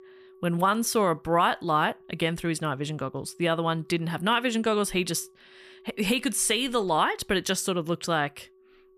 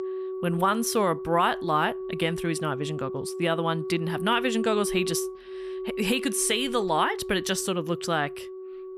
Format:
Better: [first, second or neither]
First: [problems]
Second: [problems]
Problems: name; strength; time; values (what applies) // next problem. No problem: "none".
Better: first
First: background music; faint; throughout; 25 dB below the speech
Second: background music; loud; throughout; 8 dB below the speech